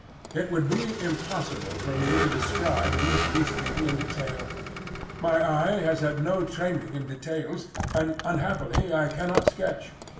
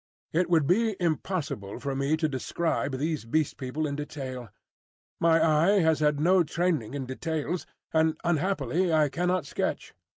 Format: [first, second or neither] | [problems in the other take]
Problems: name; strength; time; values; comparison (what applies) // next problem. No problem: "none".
second | background sound (Vehicle); 3 dB below the speech // room echo; dies away in 0.7 s